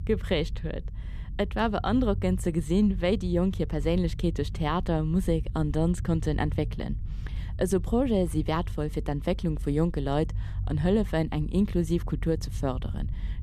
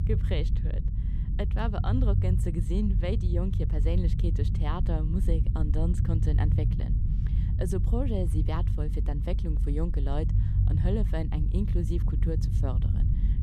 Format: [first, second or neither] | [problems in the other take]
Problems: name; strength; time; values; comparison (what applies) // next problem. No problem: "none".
first | low rumble; loud; throughout; 6 dB below the speech; faint in the first